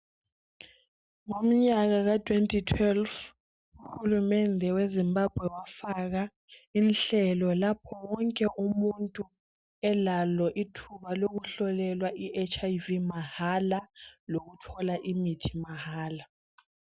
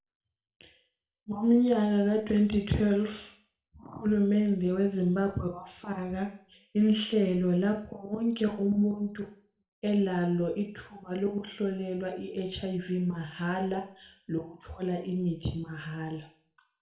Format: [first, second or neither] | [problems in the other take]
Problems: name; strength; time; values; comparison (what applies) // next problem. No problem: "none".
first | room echo; dies away in 0.4 s